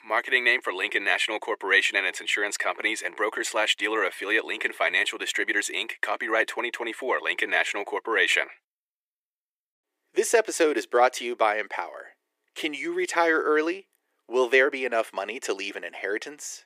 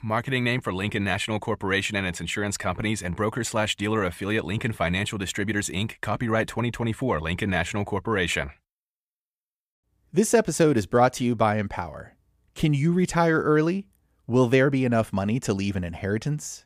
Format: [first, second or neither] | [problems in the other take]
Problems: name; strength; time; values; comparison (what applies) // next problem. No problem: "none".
second | thin; very; fading below 350 Hz